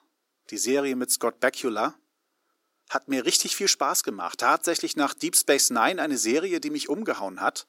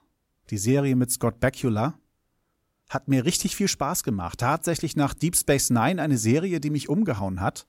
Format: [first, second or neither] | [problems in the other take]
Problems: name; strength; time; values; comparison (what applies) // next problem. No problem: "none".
second | thin; somewhat; fading below 300 Hz